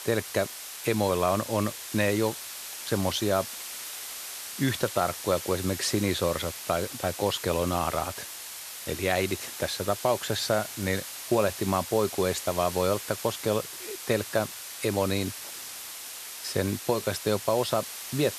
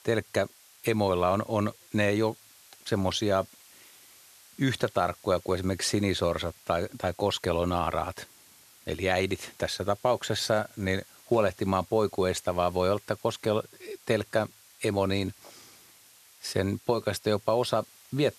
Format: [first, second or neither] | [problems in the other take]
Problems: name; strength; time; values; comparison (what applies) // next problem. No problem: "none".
second | hiss; loud; throughout; 8 dB below the speech; faint in the second